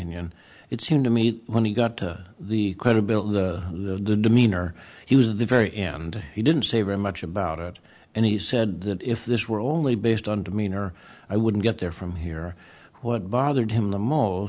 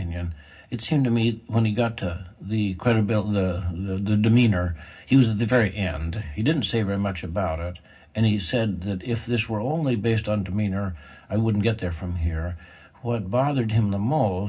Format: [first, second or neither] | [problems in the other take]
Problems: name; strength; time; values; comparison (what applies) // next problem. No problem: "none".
first | room echo; dies away in 0.4 s